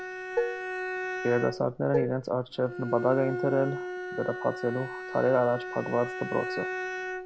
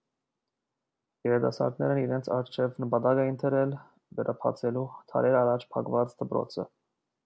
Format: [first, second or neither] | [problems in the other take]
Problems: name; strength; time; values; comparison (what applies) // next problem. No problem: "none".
second | background sound (Bowed string instrument + Dishes, pots, and pans); 5 dB below the speech